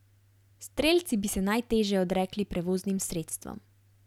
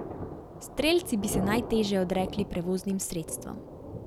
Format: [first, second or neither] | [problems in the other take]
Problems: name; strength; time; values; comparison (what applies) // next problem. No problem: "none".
first | background sound (Thunder); 8 dB below the speech